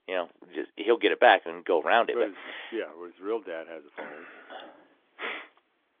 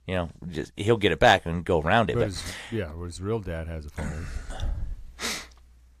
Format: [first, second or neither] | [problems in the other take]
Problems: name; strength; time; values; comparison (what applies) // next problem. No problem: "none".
second | phone-call audio; nothing above 3.5 kHz